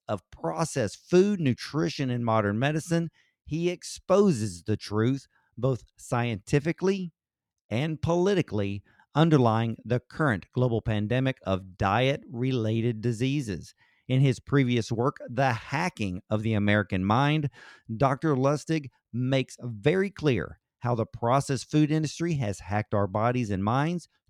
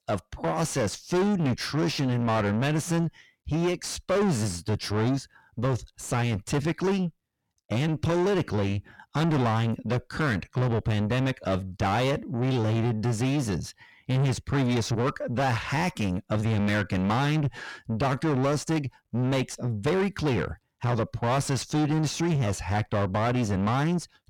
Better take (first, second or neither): first